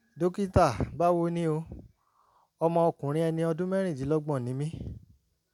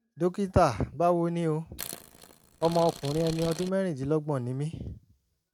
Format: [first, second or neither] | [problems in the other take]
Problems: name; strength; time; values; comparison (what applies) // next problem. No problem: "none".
first | noise reduction (neural mask model RNNoise)